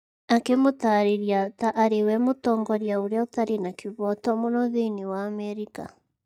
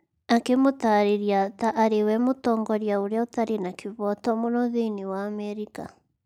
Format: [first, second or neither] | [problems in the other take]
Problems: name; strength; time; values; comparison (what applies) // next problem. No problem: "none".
second | noise reduction (neural mask model DeepFilterNet 3)